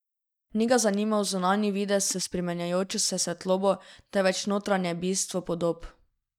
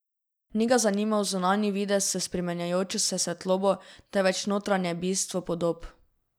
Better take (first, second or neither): second